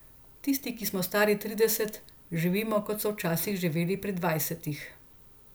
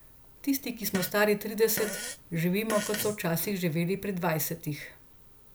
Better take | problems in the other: first | background sound (Fart); 10 dB below the speech

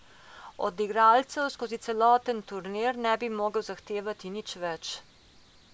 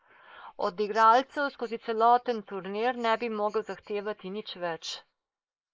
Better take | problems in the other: first | noise reduction (neural mask model Resemble Enhance denoiser)

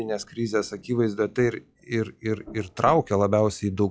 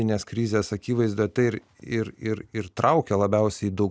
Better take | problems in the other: second | noise reduction (classical method log-MMSE)

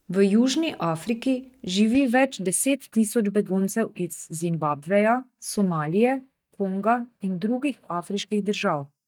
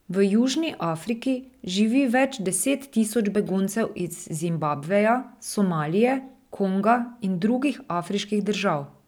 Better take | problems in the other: second | noise reduction (neural mask model DeepFilterNet 3)

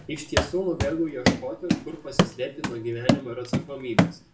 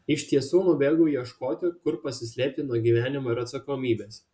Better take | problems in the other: second | background sound (Run); 5 dB above the speech // room echo; dies away in 0.4 s

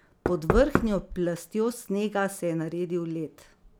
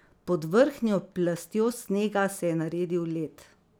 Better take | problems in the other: second | background sound (Knock); 5 dB below the speech

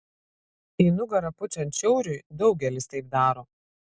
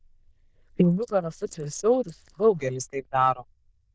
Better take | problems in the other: first | noise reduction (neural diffusion model UNIVERSE++)

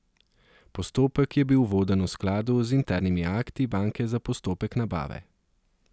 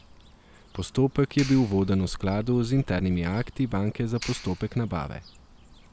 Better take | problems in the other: first | background sound (Cricket / Bird + Clapping); 16 dB below the speech

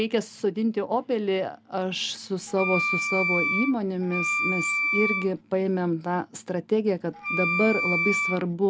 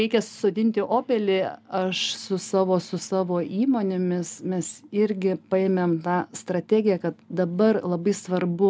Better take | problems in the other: second | background sound (Wind instrument, woodwind instrument); as loud as the speech

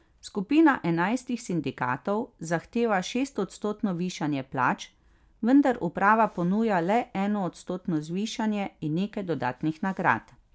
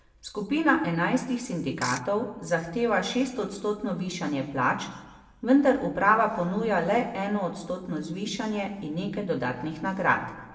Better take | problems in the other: first | background sound (Ratchet, pawl / Percussion); 11 dB below the speech // room echo; dies away in 1 s

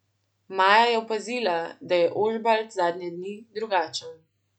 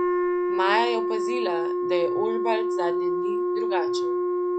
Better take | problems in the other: first | background sound (Wind instrument, woodwind instrument); 5 dB above the speech

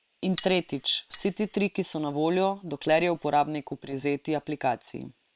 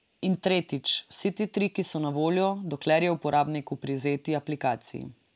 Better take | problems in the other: second | noise reduction (neural separator model SepFormer WHAM!)

